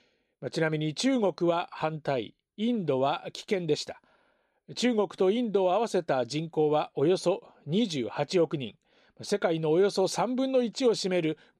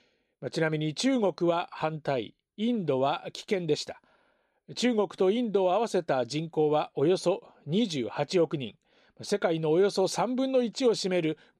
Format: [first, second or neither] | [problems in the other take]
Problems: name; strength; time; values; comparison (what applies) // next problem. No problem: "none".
neither | none